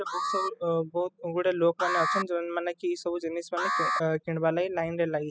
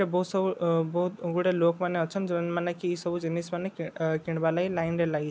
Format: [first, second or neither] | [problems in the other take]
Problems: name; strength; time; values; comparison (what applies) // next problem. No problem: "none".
second | noise reduction (classical method spectral subtraction)